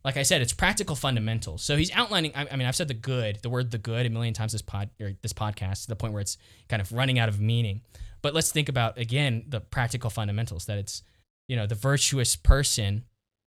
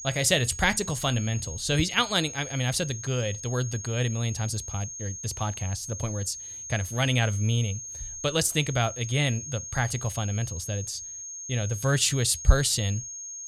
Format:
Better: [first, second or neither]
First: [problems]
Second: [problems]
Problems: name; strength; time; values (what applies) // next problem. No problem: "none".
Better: first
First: none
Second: high-pitched whine; loud; throughout; 6.5 kHz, 9 dB below the speech